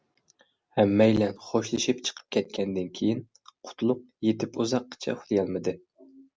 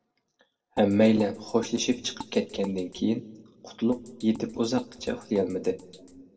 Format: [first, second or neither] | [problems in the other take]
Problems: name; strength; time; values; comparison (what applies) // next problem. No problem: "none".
first | noise reduction (neural separator model SepFormer DNS4)